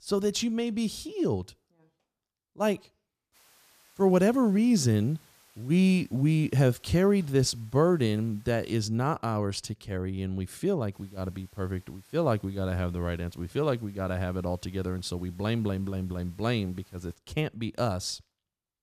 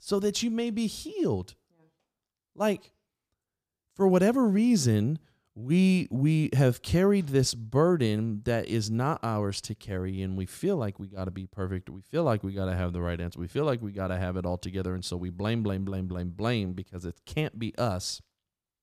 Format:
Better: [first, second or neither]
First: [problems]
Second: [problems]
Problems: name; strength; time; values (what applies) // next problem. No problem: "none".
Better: second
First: hiss; faint; from 3.5 to 8.5 s and from 11 to 17 s; 30 dB below the speech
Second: none